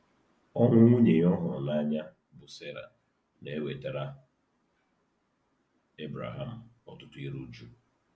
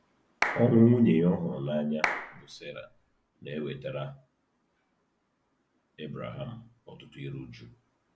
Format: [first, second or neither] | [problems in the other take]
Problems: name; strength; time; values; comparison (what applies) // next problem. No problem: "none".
first | background sound (Clapping); 6 dB below the speech